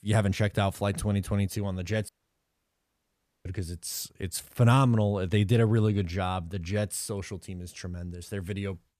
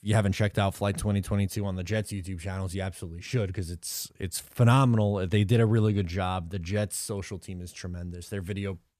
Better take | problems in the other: second | audio cutting out; at 2 s for 1.5 s

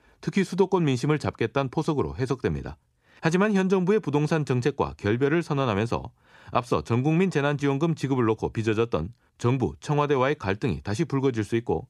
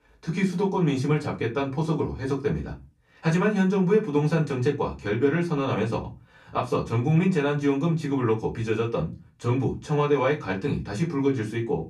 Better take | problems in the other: first | off-mic speech; far // room echo; very slight; dies away in 0.2 s

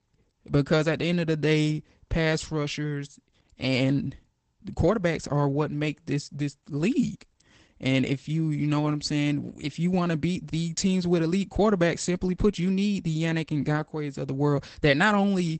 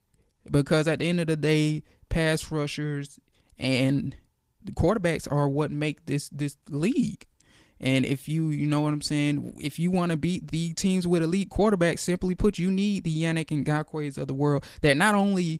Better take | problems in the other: second | garbled, watery; badly; nothing above 8 kHz; slightly in the second

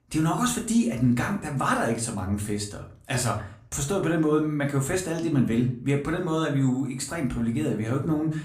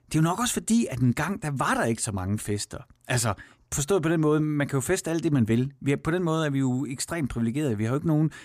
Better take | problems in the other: second | room echo; slight; dies away in 0.4 s // off-mic speech; somewhat distant

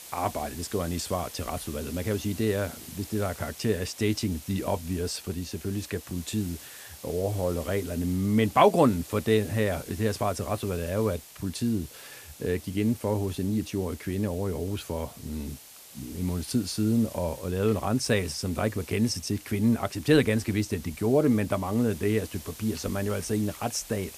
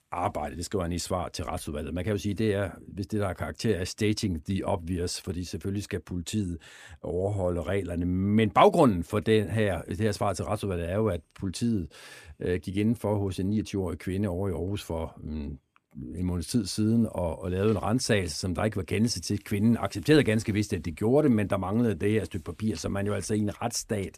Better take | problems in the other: second | hiss; noticeable; throughout; 15 dB below the speech

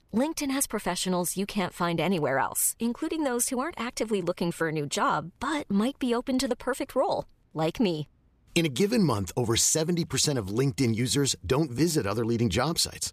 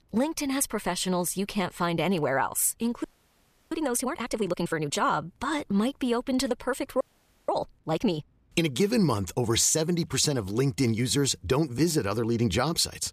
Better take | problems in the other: first | audio freezing; at 3 s for 0.5 s and at 7 s

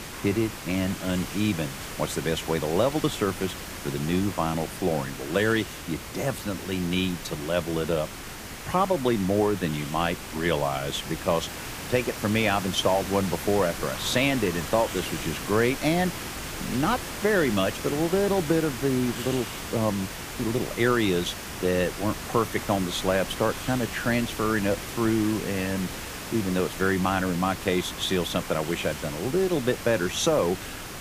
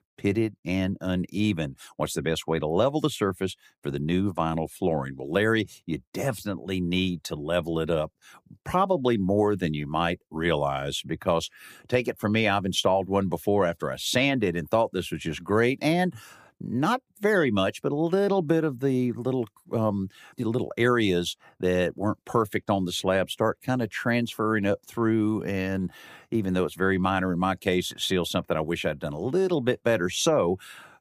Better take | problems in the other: second | hiss; loud; throughout; 8 dB below the speech

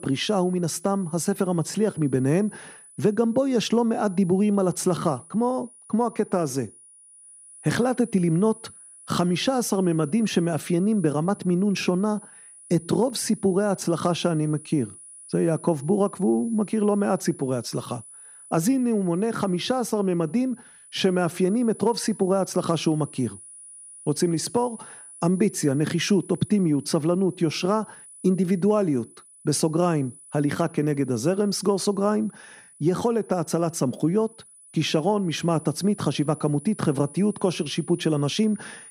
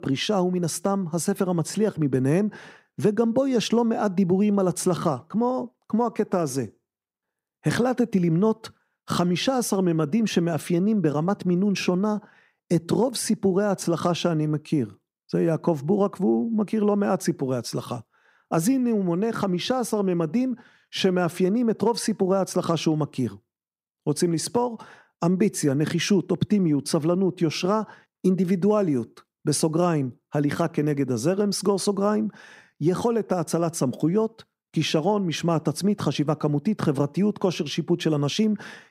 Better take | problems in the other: second | high-pitched whine; noticeable; throughout; 10 kHz, 20 dB below the speech

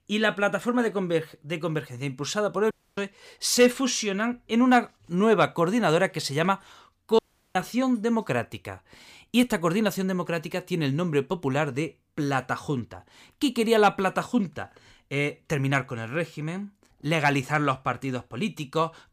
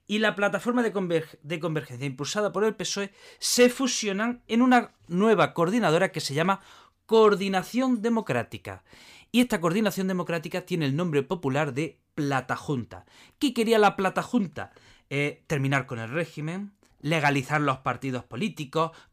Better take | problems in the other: second | audio cutting out; at 2.5 s and at 7 s

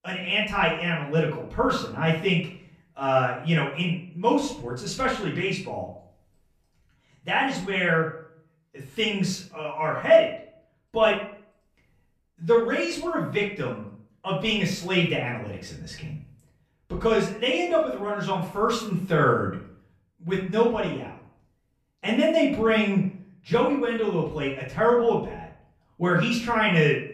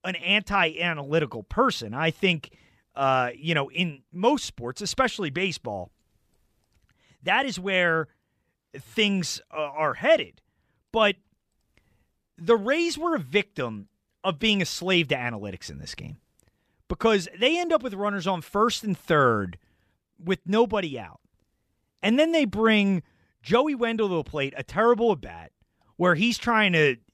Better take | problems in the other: second | off-mic speech; far // room echo; slight; dies away in 0.5 s

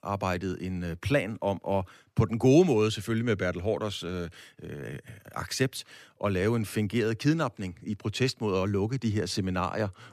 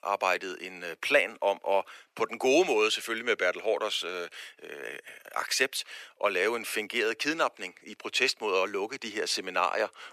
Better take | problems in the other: first | thin; very; fading below 450 Hz

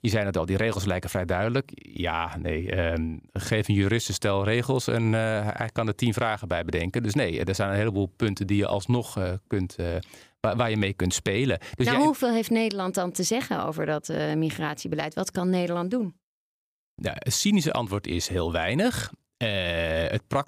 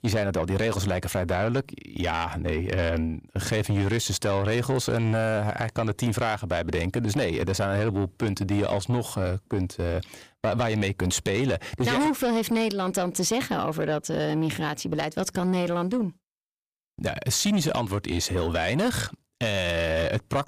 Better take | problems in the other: first | distortion; slight; 10 dB below the speech

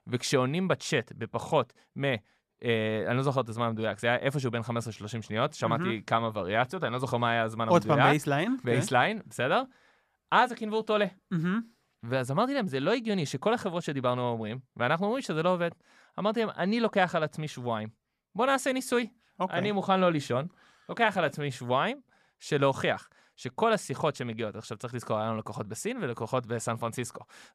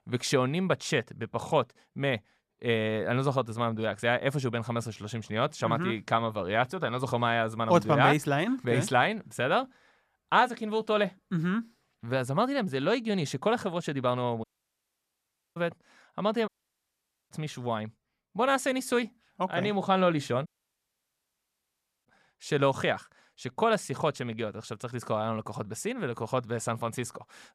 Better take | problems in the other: first | audio cutting out; at 14 s for 1 s, at 16 s for 1 s and at 20 s for 1.5 s

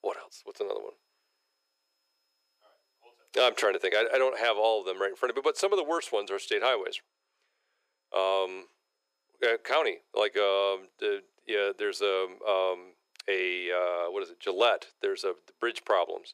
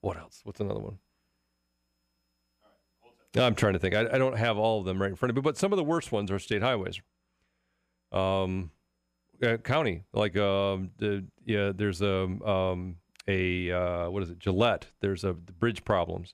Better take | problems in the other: second | thin; very; fading below 400 Hz

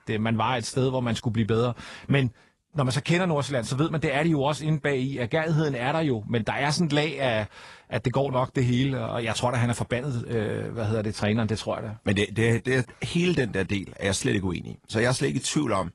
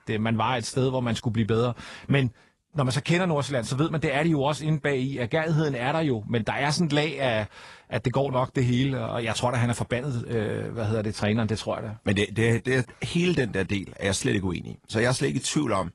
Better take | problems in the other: neither | garbled, watery; slightly; the same in both

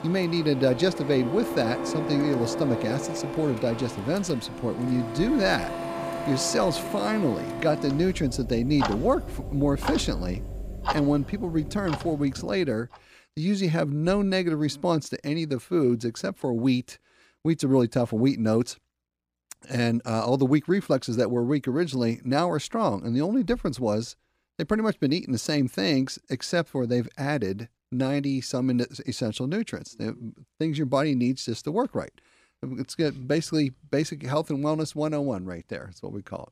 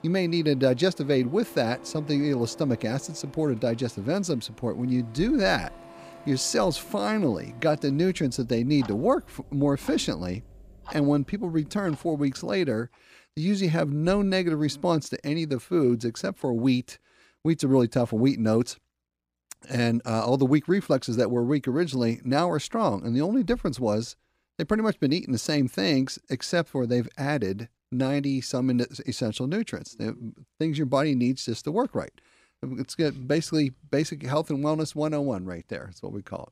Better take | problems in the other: second | household noises; loud; until 12 s; 7 dB below the speech; faint in the second

